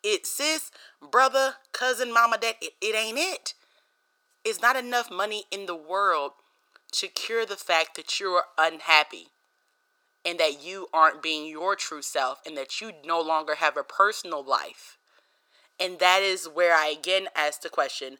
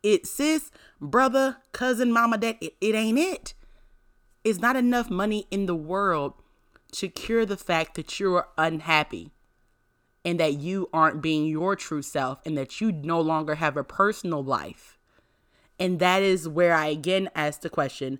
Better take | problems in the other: second | thin; very; fading below 550 Hz

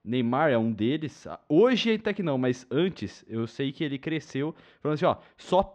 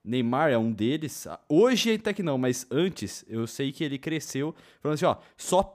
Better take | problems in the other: second | muffled; slightly; fading above 4 kHz

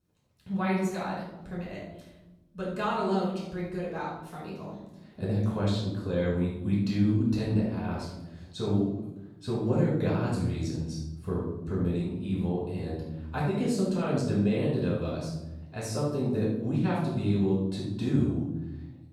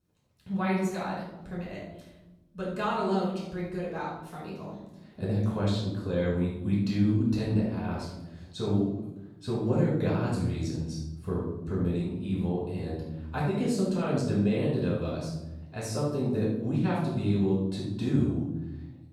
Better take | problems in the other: neither | room echo; noticeable; dies away in 1.1 s; the same in both // off-mic speech; far; the same in both

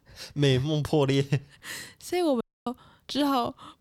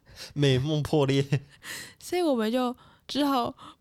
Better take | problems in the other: second | audio cutting out; at 2.5 s

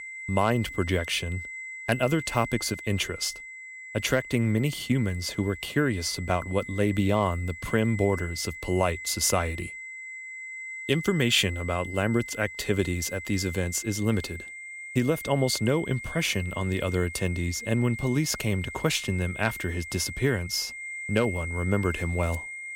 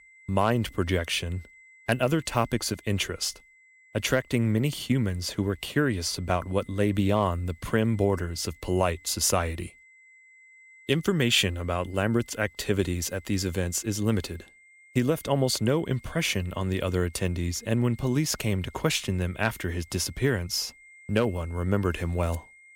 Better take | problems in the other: second | high-pitched whine; loud; throughout; 2 kHz, 10 dB below the speech; faint in the second

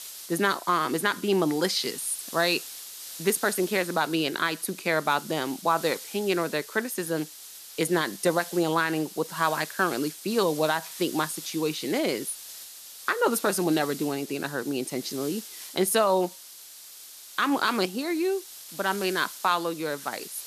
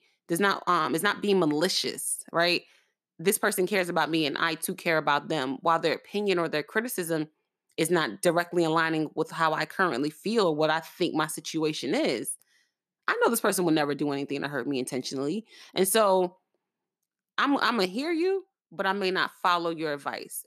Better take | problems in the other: second | hiss; noticeable; throughout; 15 dB below the speech

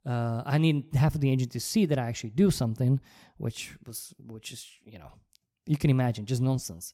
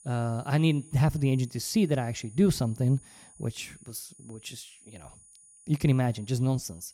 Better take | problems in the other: first | high-pitched whine; faint; throughout; 9.5 kHz, 25 dB below the speech

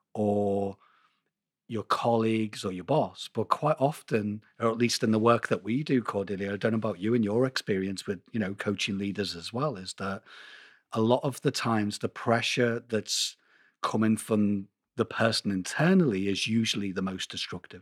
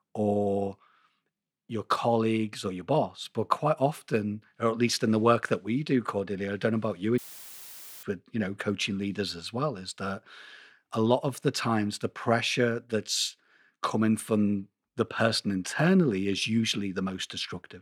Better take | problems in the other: first | audio cutting out; filled with static; at 7 s for 1 s

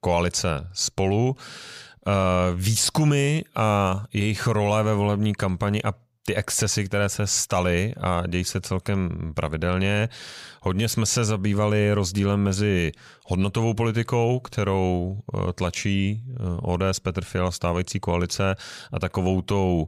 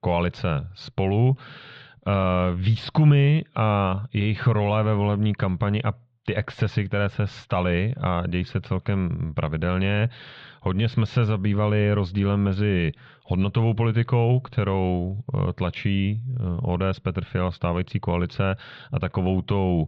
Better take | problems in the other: first | muffled; very; fading above 3.5 kHz

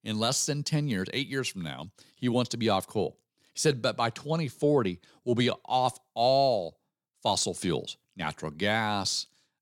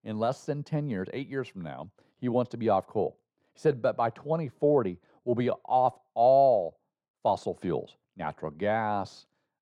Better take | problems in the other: first | muffled; very; fading above 3 kHz

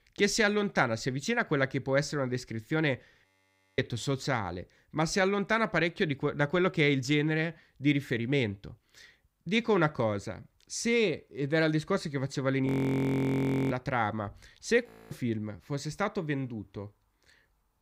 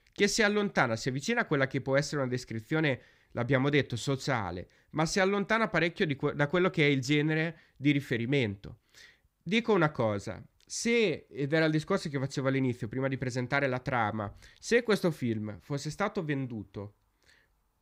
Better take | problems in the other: second | audio freezing; at 3.5 s for 0.5 s, at 13 s for 1 s and at 15 s

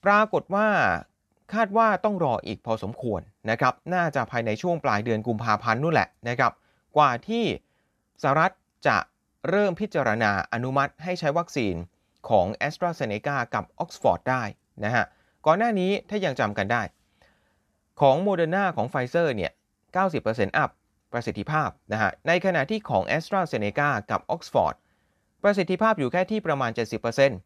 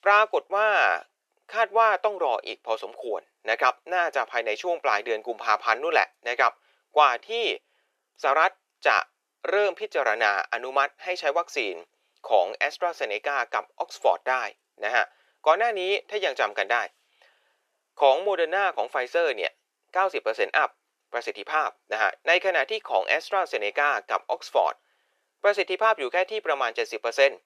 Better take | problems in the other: first | thin; very; fading below 400 Hz

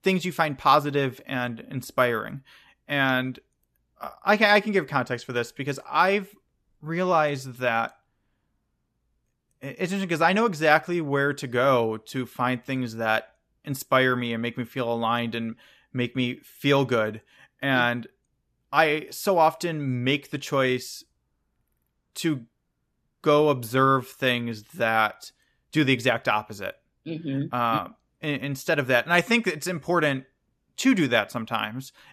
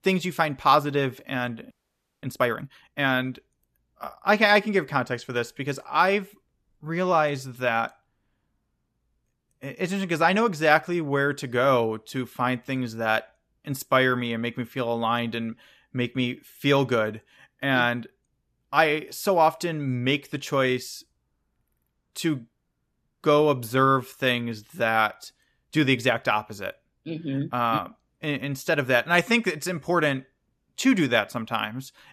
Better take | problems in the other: first | audio freezing; at 1.5 s for 0.5 s

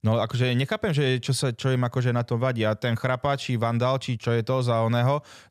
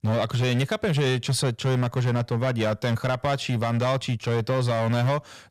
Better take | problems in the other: first | distortion; slight; 15% of the sound clipped

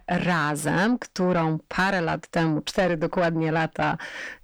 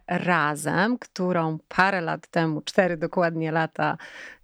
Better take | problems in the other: second | distortion; heavy; 6 dB below the speech

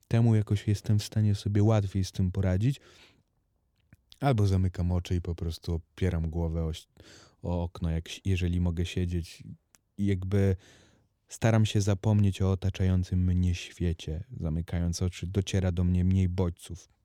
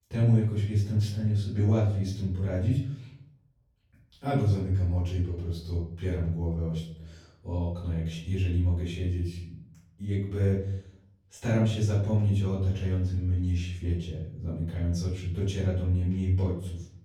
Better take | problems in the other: first | room echo; noticeable; dies away in 0.6 s // off-mic speech; far

